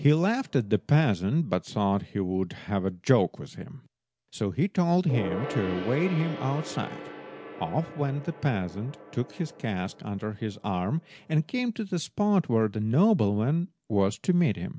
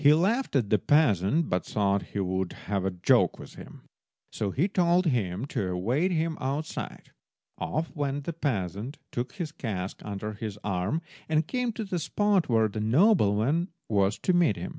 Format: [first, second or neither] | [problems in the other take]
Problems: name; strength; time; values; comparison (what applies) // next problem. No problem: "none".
second | background sound (Gong); 16 dB below the speech